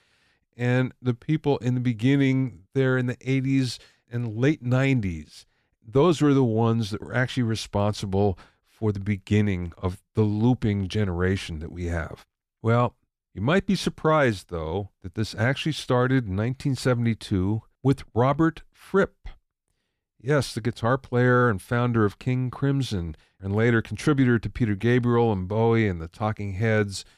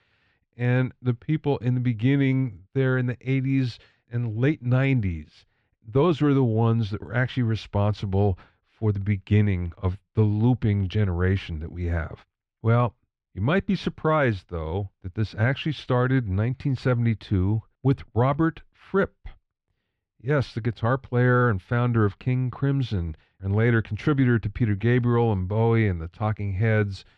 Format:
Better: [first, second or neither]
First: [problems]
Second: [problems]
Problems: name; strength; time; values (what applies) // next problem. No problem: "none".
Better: first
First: none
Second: muffled; slightly; fading above 3 kHz